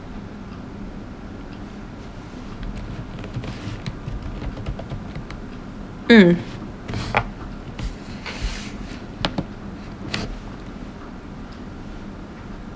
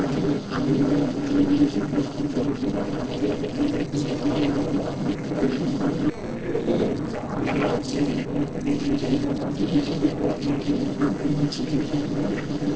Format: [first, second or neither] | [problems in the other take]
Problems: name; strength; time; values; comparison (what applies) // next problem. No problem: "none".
first | noise reduction (neural separator model SepFormer DNS4)